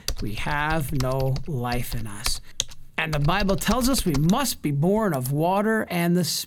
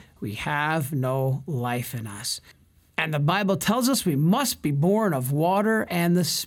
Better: second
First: keyboard typing; noticeable; until 5.5 s; peak 6 dB below the speech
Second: none

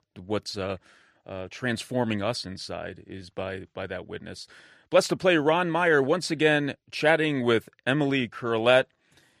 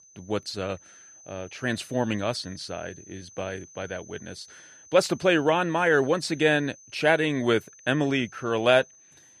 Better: first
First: none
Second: high-pitched whine; faint; throughout; 6 kHz, 25 dB below the speech

